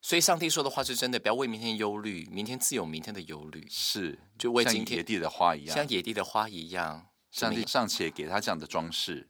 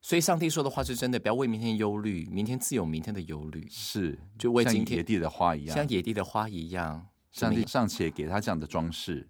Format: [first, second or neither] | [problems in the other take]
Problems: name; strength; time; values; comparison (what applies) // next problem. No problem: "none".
second | thin; very slightly; fading below 1 kHz